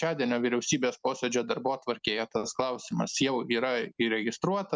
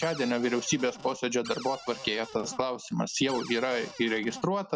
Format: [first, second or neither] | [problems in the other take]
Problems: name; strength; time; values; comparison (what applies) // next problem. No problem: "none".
first | background sound (Cupboard open or close); 14 dB below the speech